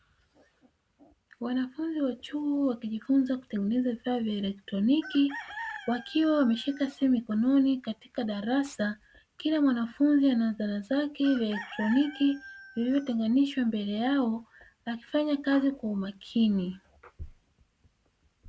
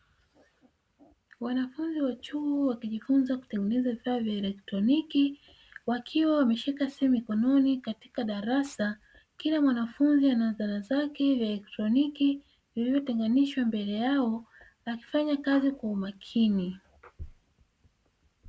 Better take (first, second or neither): second